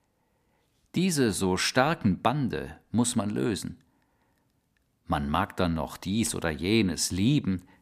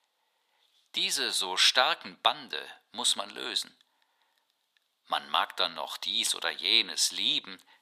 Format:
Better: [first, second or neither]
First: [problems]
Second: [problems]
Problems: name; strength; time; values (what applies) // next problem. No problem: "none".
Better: first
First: none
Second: thin; very; fading below 850 Hz